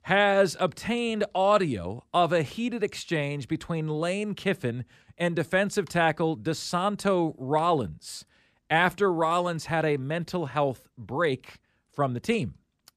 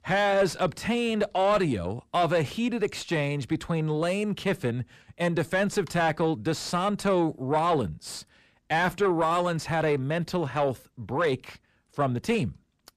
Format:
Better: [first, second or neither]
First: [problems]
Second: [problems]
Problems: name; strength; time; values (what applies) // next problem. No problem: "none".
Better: first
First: none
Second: distortion; slight; 10 dB below the speech